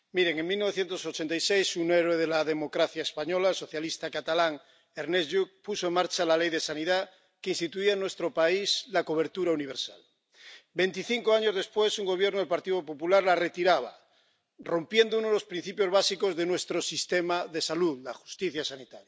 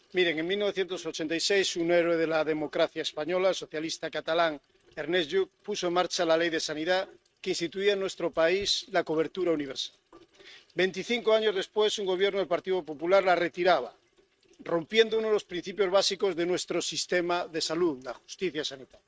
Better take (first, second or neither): first